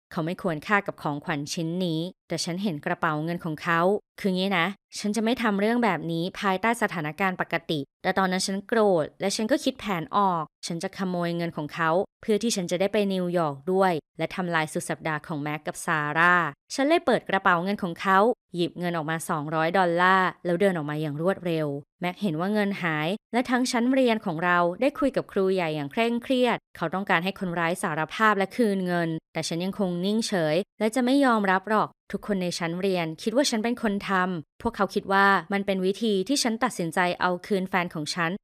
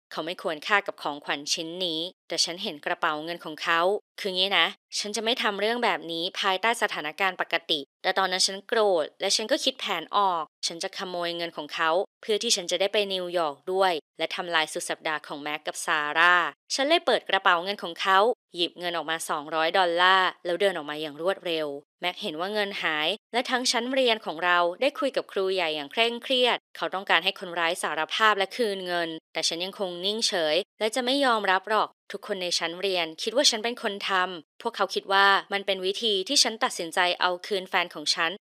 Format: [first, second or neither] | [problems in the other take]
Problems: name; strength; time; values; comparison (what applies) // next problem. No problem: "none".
first | thin; somewhat; fading below 450 Hz